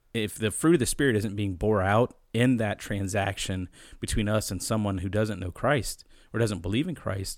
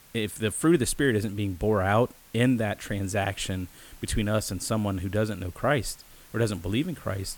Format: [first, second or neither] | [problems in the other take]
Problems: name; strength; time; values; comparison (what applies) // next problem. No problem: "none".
first | hiss; faint; throughout; 25 dB below the speech